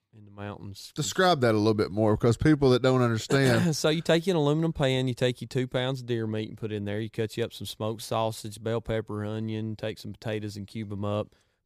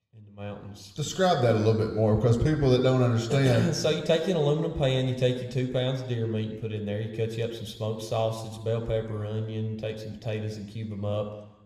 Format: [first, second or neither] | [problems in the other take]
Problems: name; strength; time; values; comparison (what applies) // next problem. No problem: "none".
first | room echo; slight; dies away in 1 s